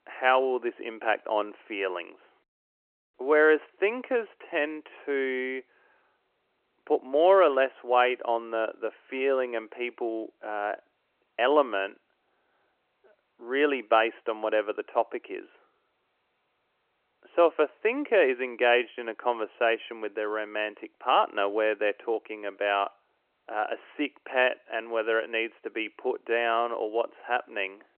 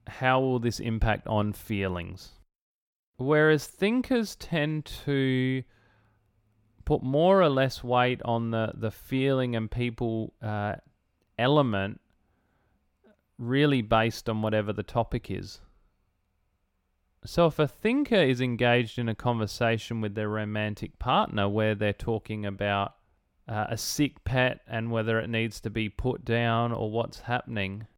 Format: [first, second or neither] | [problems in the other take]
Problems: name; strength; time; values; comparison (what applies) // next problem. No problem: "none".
second | phone-call audio